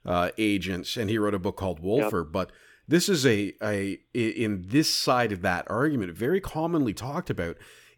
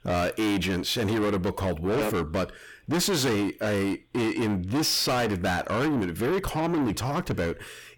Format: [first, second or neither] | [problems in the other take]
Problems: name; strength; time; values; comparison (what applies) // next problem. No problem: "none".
first | distortion; heavy; 6 dB below the speech